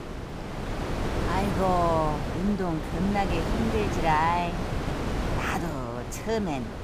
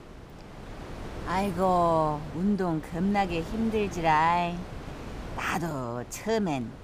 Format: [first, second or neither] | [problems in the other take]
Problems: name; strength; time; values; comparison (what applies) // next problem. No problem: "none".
second | wind noise on the microphone; heavy; 6 dB below the speech; occasional gusts in the second